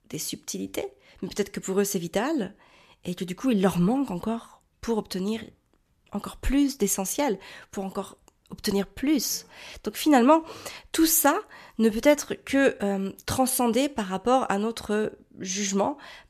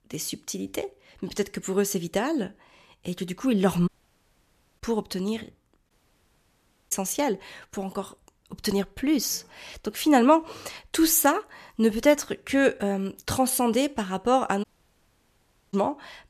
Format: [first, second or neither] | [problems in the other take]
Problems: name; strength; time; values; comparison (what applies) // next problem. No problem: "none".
first | audio cutting out; at 4 s for 1 s, at 6 s for 1 s and at 15 s for 1 s